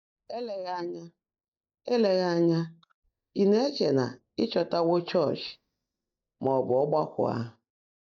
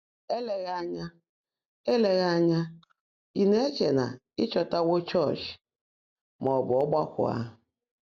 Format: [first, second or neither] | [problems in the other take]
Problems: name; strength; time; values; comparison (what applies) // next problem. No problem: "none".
second | noise reduction (neural mask model DeepFilterNet 3)